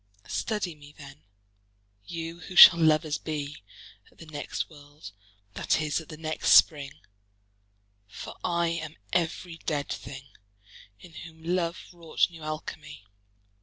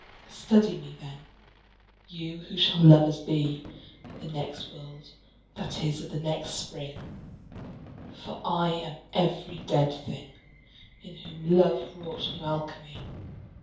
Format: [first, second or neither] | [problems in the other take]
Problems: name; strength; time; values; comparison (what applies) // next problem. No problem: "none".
first | background sound (Fireworks); 18 dB below the speech // room echo; dies away in 0.6 s